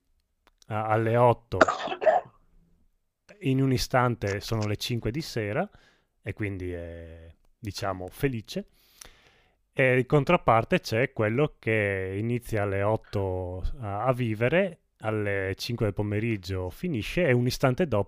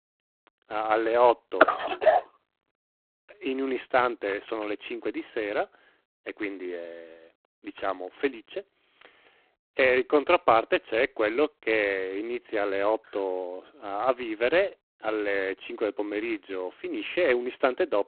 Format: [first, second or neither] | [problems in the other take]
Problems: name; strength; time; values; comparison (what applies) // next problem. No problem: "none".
first | phone-call audio; poor line; nothing above 4 kHz